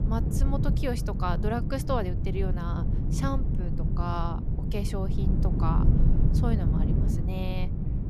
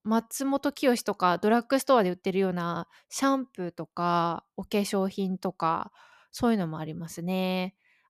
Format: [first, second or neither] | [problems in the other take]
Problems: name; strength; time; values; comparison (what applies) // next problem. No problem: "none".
second | low rumble; loud; throughout; 4 dB below the speech